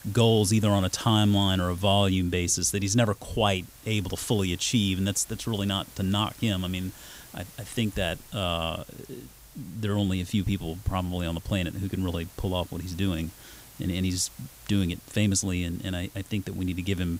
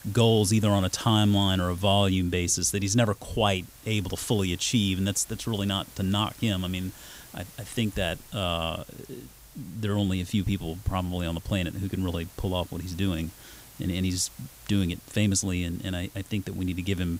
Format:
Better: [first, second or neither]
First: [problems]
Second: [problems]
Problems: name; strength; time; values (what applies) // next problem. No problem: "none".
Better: neither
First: hiss; faint; throughout; 20 dB below the speech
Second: hiss; faint; throughout; 20 dB below the speech